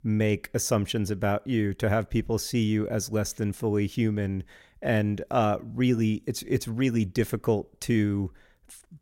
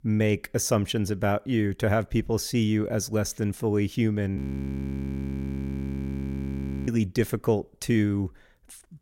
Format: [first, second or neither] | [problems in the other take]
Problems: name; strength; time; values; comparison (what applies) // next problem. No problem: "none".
first | audio freezing; at 4.5 s for 2.5 s